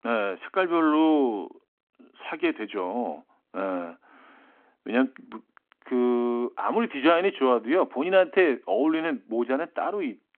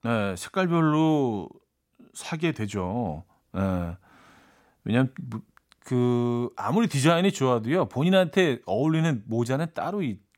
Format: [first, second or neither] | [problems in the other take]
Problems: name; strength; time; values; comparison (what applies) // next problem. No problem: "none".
second | phone-call audio